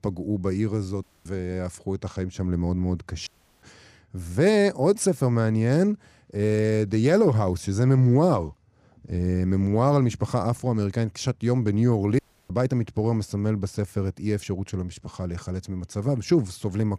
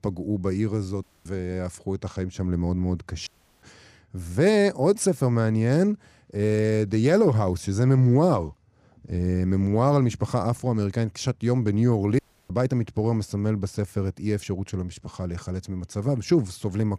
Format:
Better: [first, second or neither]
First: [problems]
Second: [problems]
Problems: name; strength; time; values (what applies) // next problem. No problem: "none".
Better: neither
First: audio cutting out; at 1 s, at 3.5 s and at 12 s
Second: audio cutting out; at 1 s, at 3.5 s and at 12 s